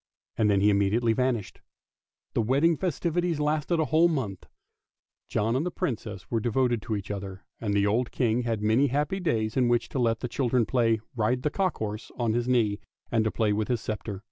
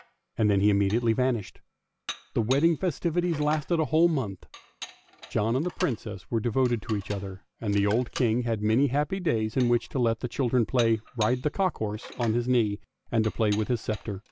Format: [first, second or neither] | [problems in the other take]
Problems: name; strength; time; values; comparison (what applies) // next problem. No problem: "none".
first | background sound (Dishes, pots, and pans); 19 dB below the speech